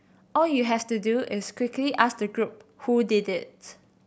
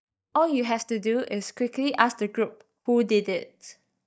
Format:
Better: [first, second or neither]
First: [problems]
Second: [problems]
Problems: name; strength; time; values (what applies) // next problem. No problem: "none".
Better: first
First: none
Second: noise reduction (neural mask model DeepFilterNet 3)